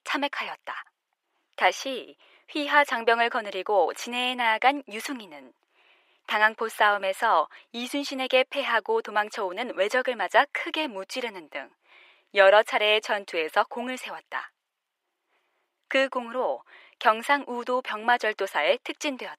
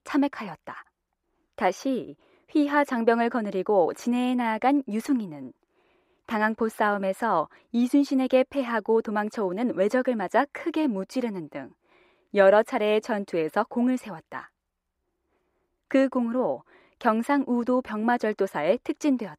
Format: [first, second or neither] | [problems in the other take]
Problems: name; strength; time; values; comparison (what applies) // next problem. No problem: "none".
second | thin; somewhat; fading below 650 Hz